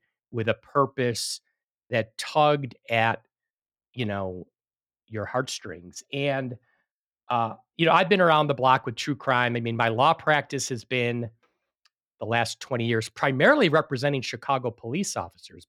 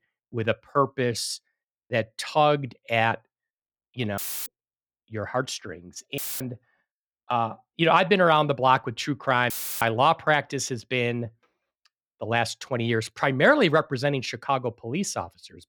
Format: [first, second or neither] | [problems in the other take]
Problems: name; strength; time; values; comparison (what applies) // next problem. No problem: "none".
first | audio cutting out; filled with static; at 4 s, at 6 s and at 9.5 s